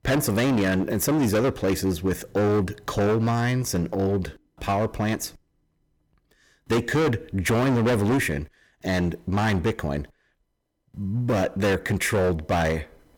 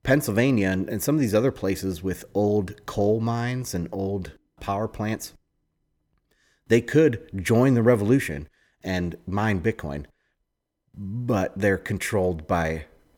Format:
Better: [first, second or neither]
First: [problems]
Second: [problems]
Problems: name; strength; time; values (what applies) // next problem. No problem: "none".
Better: second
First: distortion; heavy; 16% of the sound clipped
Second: none